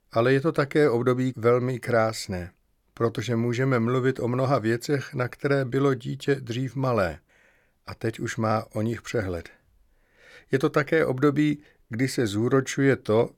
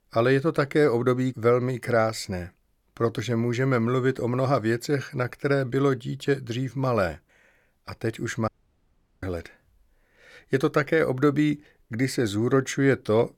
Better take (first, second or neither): first